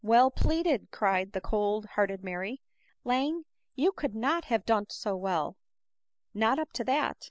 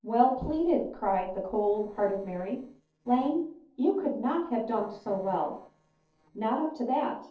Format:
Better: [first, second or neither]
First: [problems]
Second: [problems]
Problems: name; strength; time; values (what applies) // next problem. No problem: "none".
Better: first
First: none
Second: noise reduction (neural separator model SepFormer DNS4)